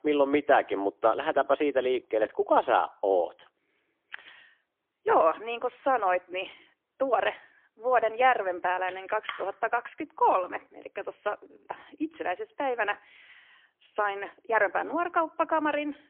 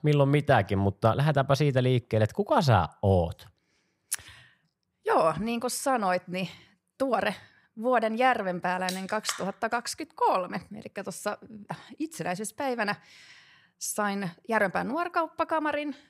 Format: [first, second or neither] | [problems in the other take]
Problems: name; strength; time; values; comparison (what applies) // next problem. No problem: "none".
second | phone-call audio; poor line; nothing above 3.5 kHz